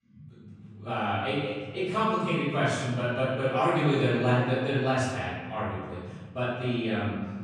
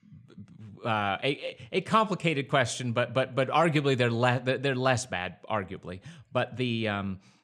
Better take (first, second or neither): second